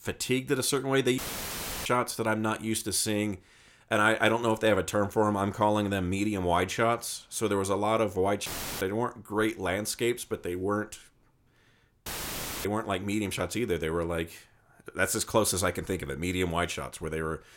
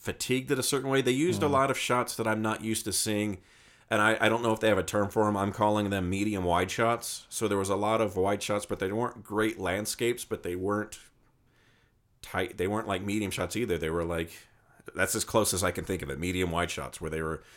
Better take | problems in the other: second | audio cutting out; filled with static; at 1 s for 0.5 s, at 8.5 s and at 12 s for 0.5 s

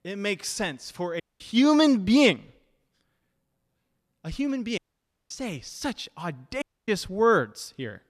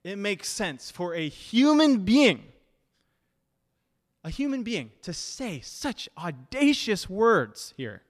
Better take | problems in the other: second | audio cutting out; at 1 s, at 5 s for 0.5 s and at 6.5 s

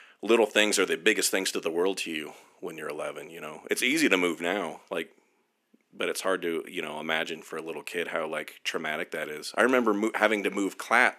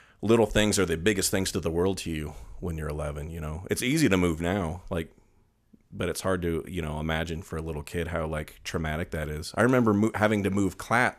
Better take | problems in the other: second | thin; somewhat; fading below 250 Hz

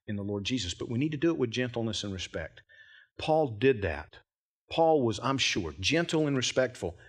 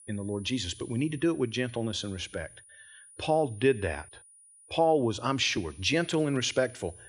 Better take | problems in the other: first | high-pitched whine; faint; throughout; 9.5 kHz, 20 dB below the speech

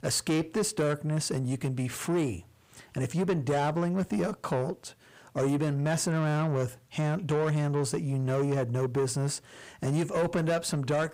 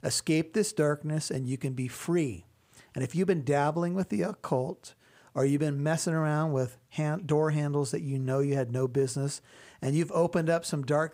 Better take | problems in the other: second | distortion; slight; 10 dB below the speech

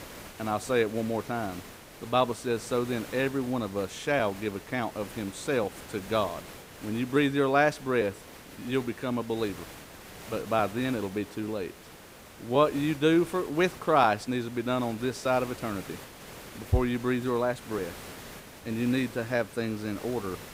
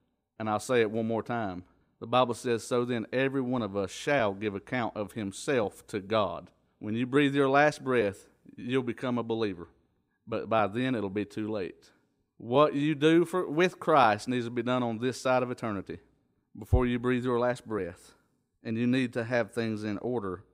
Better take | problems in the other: second | hiss; noticeable; throughout; 15 dB below the speech

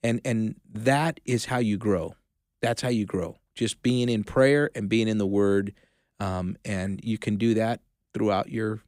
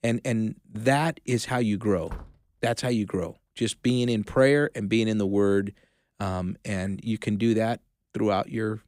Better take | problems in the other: first | door banging; faint; at 2 s; peak 15 dB below the speech

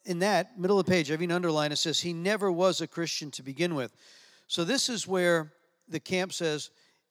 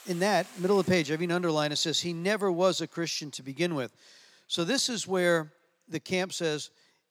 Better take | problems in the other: first | hiss; faint; throughout; 25 dB below the speech

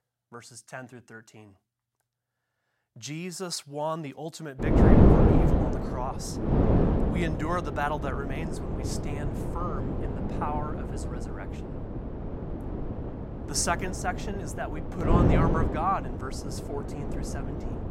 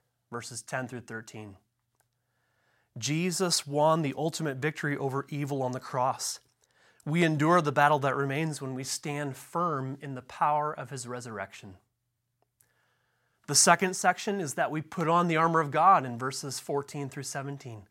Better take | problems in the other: second | wind noise on the microphone; heavy; from 4.5 s on; as loud as the speech

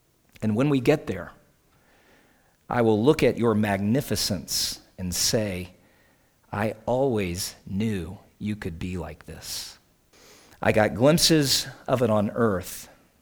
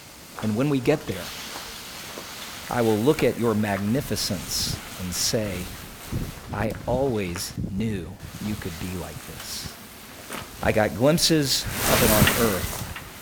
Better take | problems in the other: first | wind noise on the microphone; heavy; 6 dB below the speech

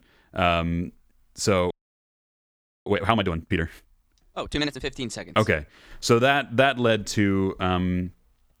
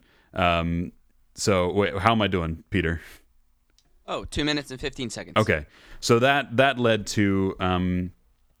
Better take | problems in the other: second | audio freezing; at 1.5 s for 1 s

